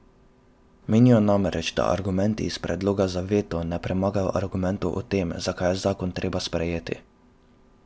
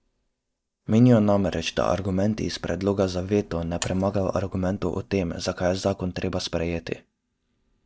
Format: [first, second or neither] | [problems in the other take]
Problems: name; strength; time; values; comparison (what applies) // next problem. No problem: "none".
first | noise reduction (neural mask model DeepFilterNet 3)